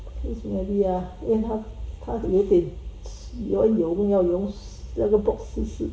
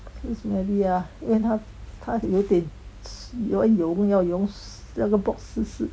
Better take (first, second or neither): second